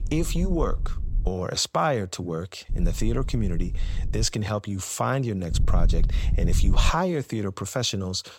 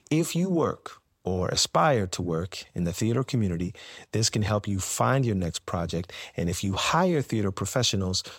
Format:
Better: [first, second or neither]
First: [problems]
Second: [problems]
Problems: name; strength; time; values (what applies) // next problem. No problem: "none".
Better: second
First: wind noise on the microphone; occasional gusts; until 1.5 s, from 2.5 to 4 s and from 5.5 to 7 s; 20 dB below the speech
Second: none